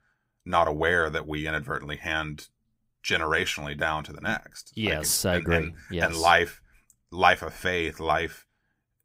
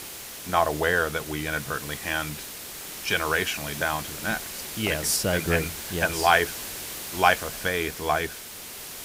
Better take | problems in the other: first | hiss; loud; throughout; 9 dB below the speech

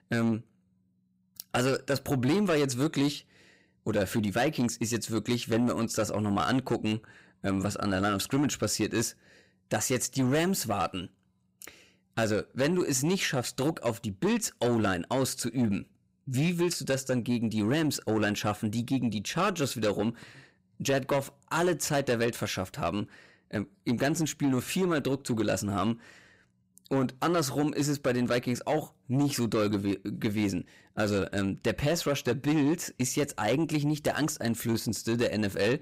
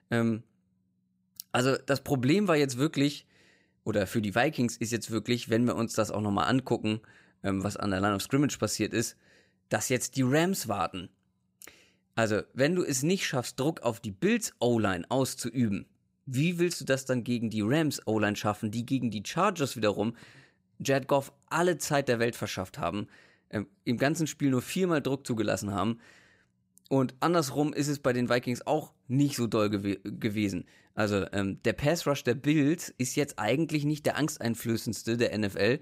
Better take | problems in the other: second | distortion; slight; 10 dB below the speech

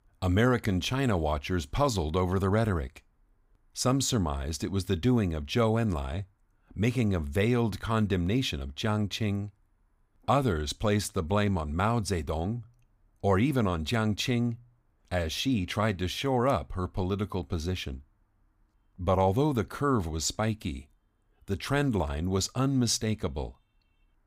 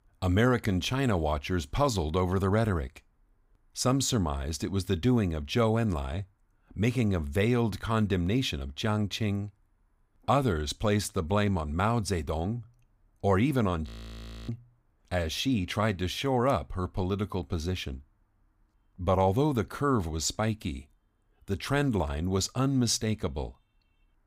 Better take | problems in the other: first | audio freezing; at 14 s for 0.5 s

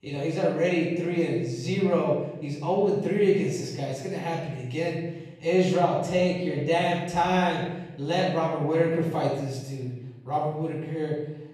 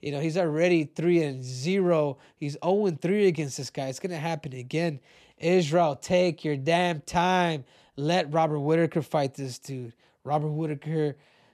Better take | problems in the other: second | off-mic speech; far // room echo; noticeable; dies away in 0.9 s

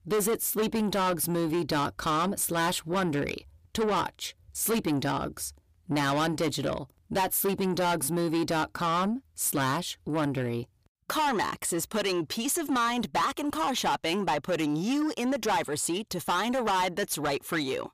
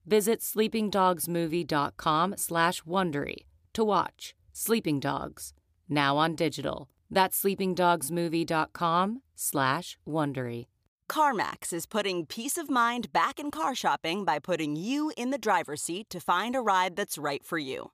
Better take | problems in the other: second | distortion; heavy; 6 dB below the speech

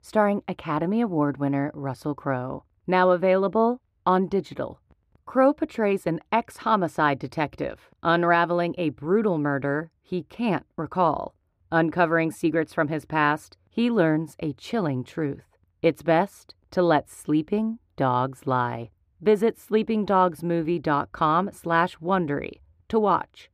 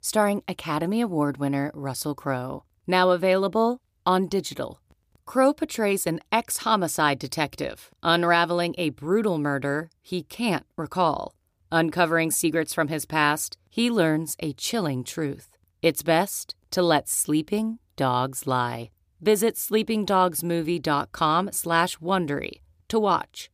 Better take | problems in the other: second | muffled; very; fading above 3.5 kHz

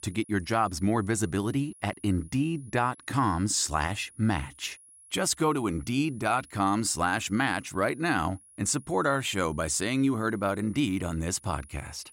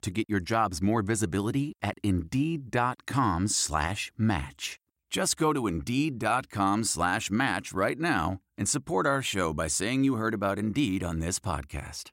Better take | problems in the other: second | high-pitched whine; faint; throughout; 10.5 kHz, 25 dB below the speech

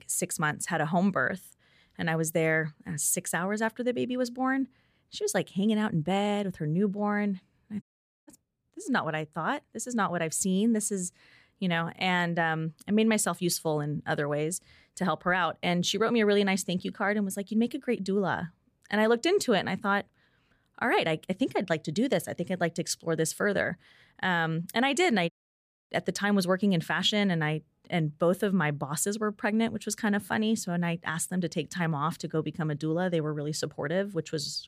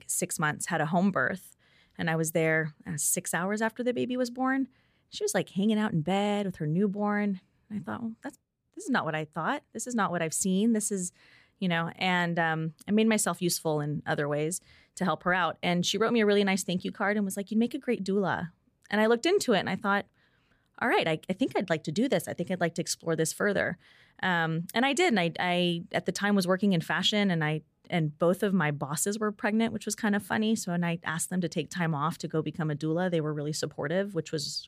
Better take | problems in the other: second | audio cutting out; at 8 s and at 25 s for 0.5 s

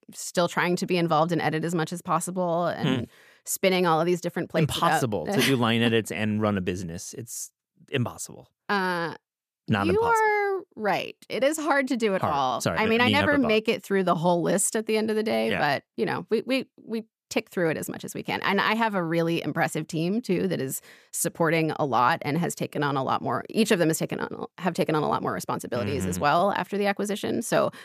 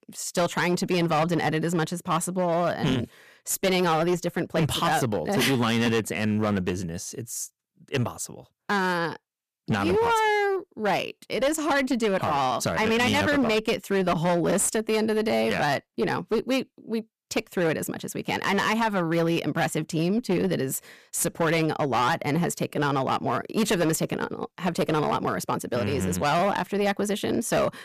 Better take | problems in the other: first | distortion; slight; 13% of the sound clipped

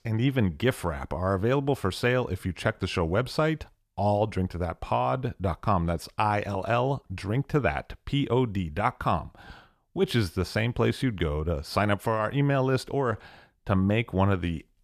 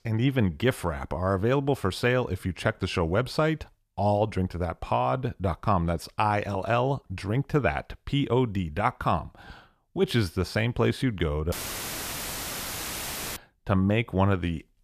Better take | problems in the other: first | audio cutting out; filled with static; at 12 s for 2 s

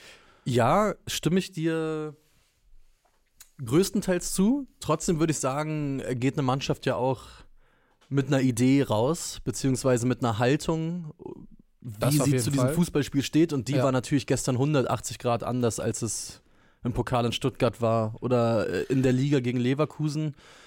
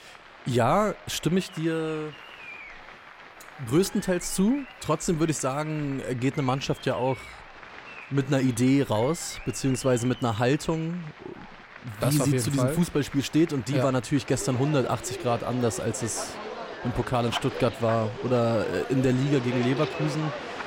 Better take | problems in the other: first | crowd noise; noticeable; throughout; 15 dB below the speech

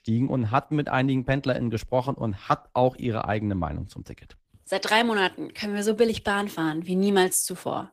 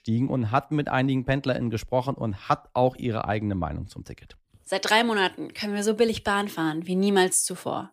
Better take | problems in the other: second | garbled, watery; slightly

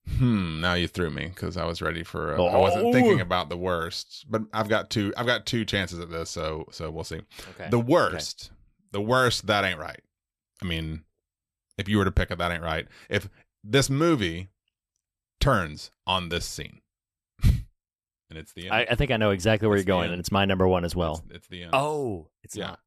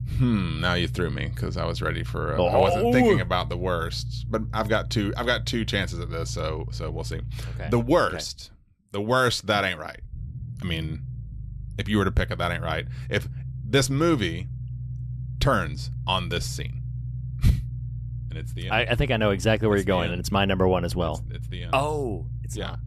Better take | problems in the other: first | low rumble; faint; throughout; 20 dB below the speech

